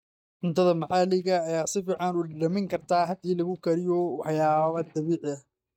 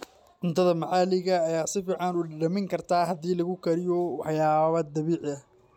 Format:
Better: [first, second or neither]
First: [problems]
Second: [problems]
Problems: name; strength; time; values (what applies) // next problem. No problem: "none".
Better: second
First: noise reduction (neural mask model DeepFilterNet 3)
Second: none